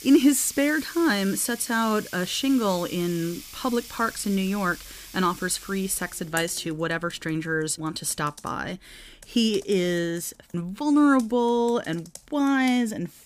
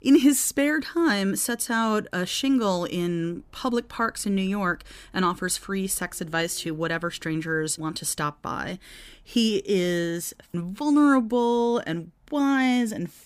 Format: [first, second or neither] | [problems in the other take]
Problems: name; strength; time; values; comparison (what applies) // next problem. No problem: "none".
second | household noises; noticeable; throughout; 15 dB below the speech